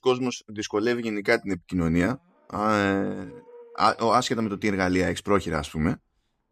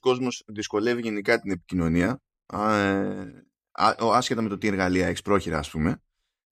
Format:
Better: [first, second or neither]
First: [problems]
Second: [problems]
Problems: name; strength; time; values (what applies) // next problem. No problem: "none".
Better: second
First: animal sounds; faint; throughout; 25 dB below the speech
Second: none